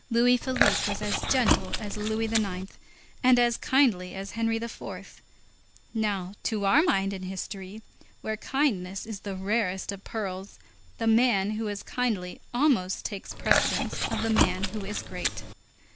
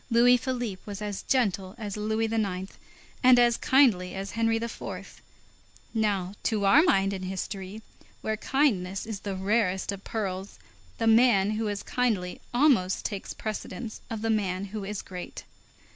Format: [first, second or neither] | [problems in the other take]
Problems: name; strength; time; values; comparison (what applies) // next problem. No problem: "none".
second | background sound (Chewing, mastication); as loud as the speech